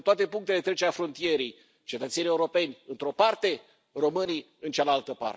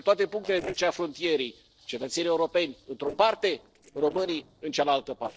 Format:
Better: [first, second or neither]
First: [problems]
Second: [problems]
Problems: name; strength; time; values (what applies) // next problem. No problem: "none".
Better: first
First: none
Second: noise reduction (neural separator model SepFormer DNS4)